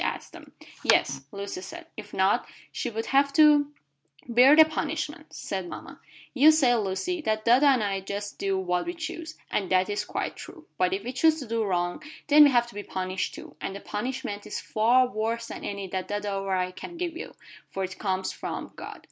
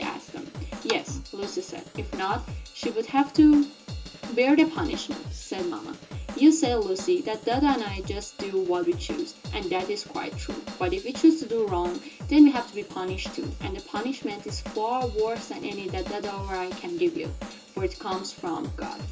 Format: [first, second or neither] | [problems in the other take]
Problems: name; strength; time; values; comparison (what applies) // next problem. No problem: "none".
first | background sound (Drum / Drum kit); 12 dB below the speech // room echo; dies away in 0.2 s